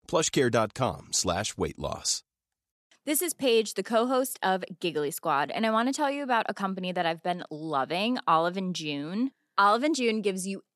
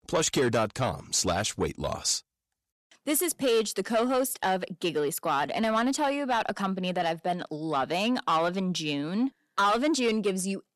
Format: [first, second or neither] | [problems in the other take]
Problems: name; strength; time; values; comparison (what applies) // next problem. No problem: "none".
first | distortion; slight; 10 dB below the speech